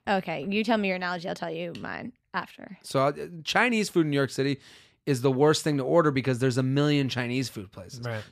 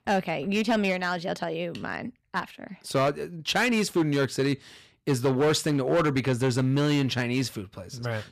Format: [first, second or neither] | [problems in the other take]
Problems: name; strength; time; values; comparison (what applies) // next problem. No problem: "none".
first | distortion; slight; 7% of the sound clipped